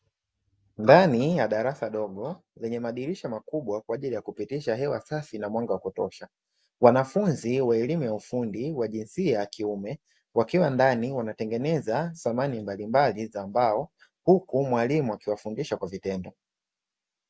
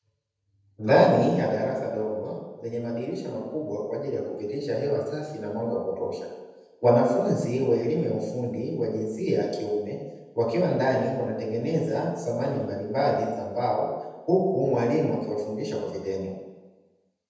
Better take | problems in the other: first | room echo; dies away in 1 s

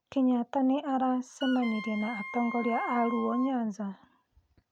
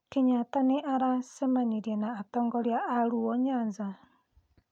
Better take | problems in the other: second | background sound (Wind instrument, woodwind instrument); 10 dB below the speech

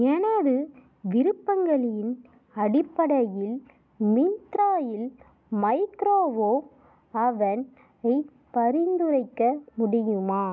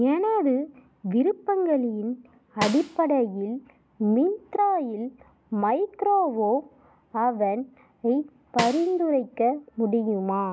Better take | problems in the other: first | background sound (Snare drum); 11 dB below the speech

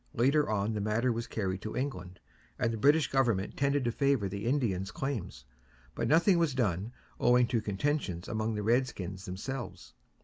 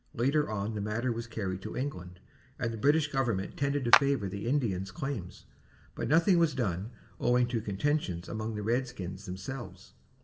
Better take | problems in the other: first | background sound (Clapping); 2 dB below the speech // room echo; dies away in 0.7 s

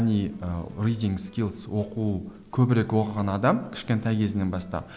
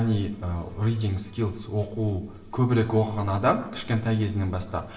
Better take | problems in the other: first | room echo; dies away in 0.8 s

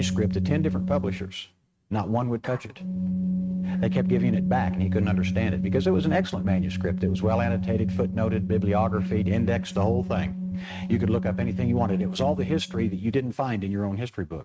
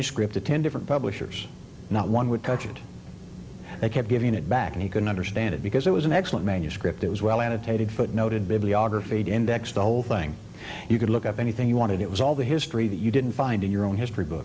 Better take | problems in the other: second | noise reduction (neural mask model RNNoise)

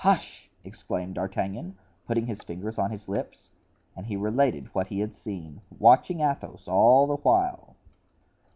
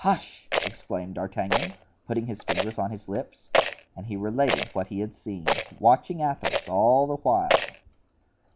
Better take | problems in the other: first | background sound (Rattle); 3 dB below the speech

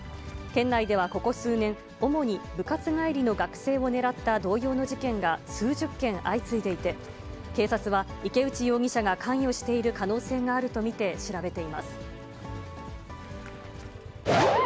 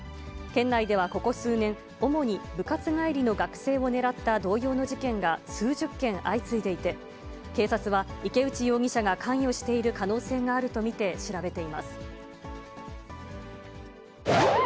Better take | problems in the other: second | background sound (Motorcycle); 19 dB below the speech

